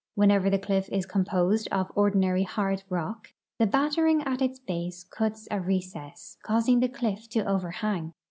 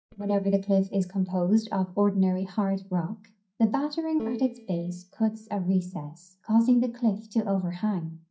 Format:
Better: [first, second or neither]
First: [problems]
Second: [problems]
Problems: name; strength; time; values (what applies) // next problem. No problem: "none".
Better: first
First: none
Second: noise reduction (neural mask model DeepFilterNet 3)